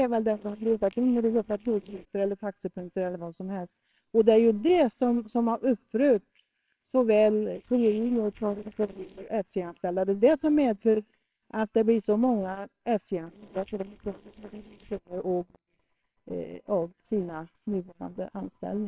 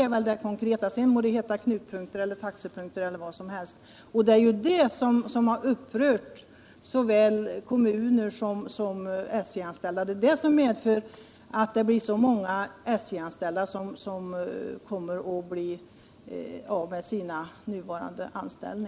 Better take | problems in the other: second | noise reduction (neural separator model SepFormer WHAMR!)

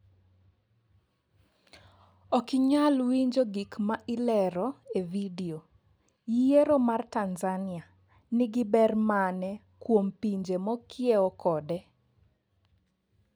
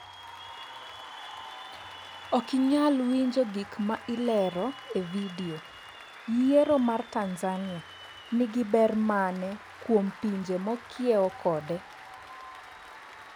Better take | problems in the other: first | background sound (Applause / Cheering); 16 dB below the speech

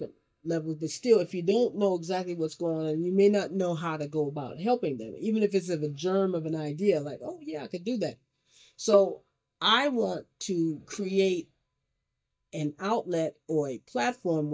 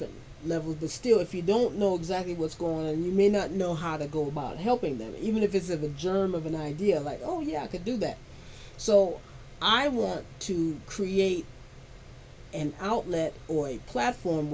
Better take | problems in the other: second | noise reduction (neural mask model DeepFilterNet 3)

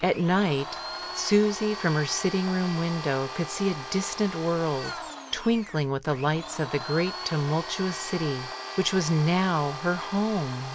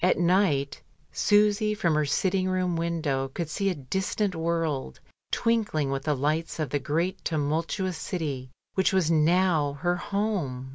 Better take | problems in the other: second | background sound (Domestic sounds, home sounds); 11 dB below the speech

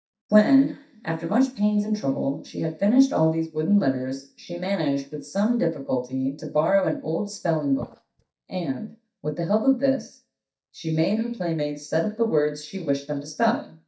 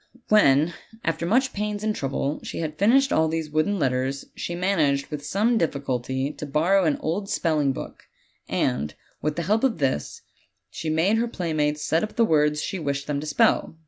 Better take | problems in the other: second | noise reduction (neural mask model DeepFilterNet 3)

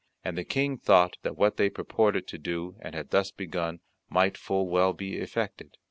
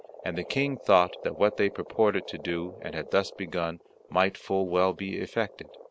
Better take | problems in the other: first | background sound (Frog); 17 dB below the speech

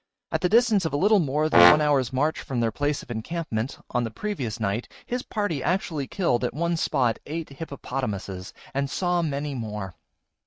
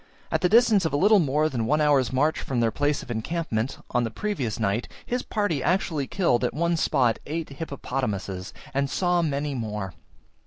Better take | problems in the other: second | noise reduction (neural mask model RNNoise)

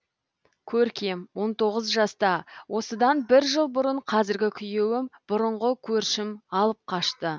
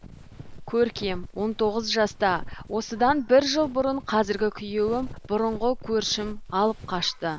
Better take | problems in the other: first | background sound (Walk, footsteps); 14 dB below the speech

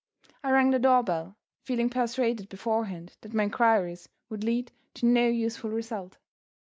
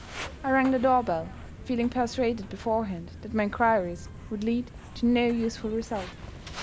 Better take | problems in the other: first | background sound (Walk, footsteps); 13 dB below the speech

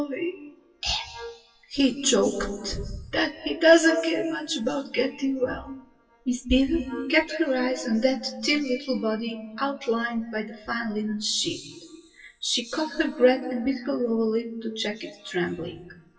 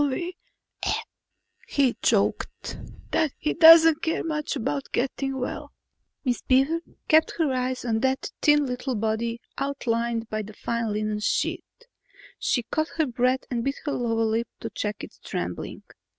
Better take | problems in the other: second | noise reduction (classical method WPE with log-MMSE)

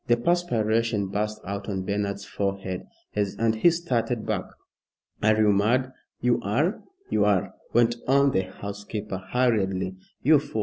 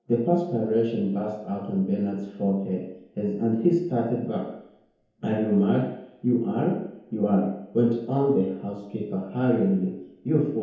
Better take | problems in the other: first | room echo; dies away in 1 s

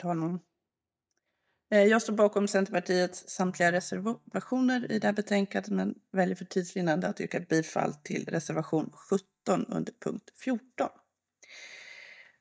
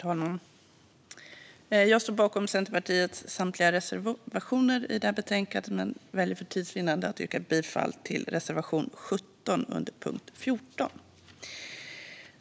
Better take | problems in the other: second | noise reduction (neural mask model DeepFilterNet 3)

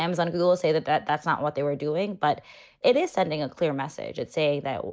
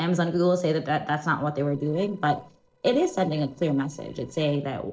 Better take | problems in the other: first | noise reduction (neural separator model SepFormer DNS4)

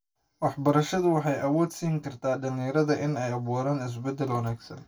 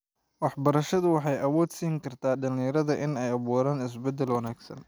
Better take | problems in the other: second | room echo; dies away in 0.2 s

